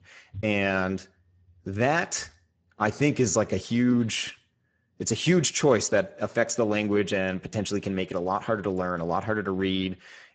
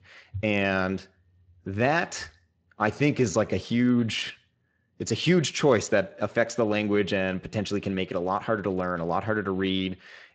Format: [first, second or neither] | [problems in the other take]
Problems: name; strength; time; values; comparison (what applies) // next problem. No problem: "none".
second | garbled, watery; badly; nothing above 7.5 kHz; slightly in the second